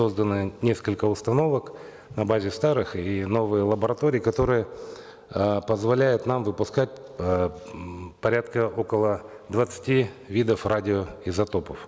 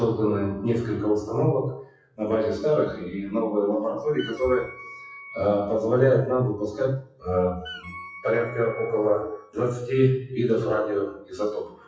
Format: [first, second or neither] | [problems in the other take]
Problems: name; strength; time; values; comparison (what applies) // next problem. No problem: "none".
first | noise reduction (classical method WPE with log-MMSE)